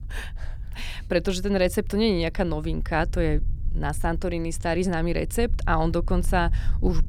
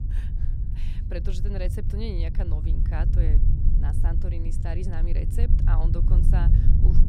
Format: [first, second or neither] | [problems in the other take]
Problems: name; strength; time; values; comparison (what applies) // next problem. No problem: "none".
first | low rumble; loud; throughout; 2 dB below the speech; faint in the first